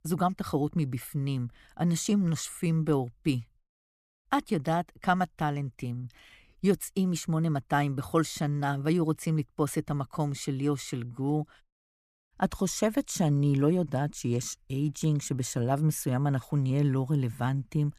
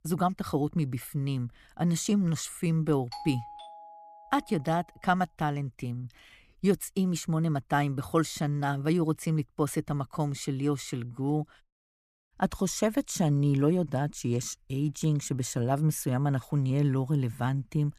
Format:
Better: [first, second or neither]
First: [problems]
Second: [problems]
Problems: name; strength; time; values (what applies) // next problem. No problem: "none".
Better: first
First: none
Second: doorbell; faint; from 3 to 4.5 s; peak 10 dB below the speech